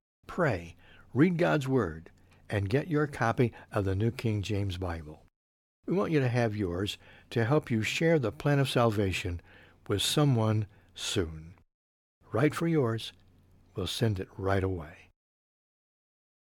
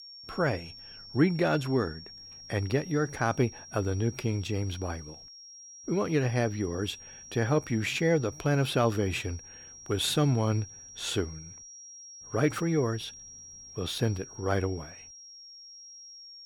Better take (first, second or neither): first